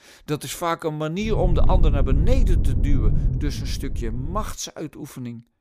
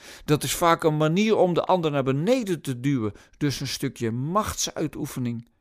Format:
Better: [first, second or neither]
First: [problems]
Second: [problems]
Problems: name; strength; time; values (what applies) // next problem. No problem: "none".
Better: second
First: low rumble; loud; from 1.5 to 4.5 s; 9 dB below the speech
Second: none